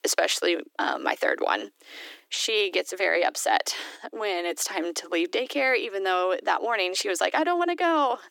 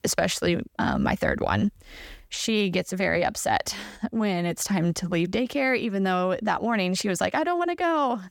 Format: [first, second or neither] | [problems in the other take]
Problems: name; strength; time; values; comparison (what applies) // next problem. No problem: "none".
second | thin; very; fading below 300 Hz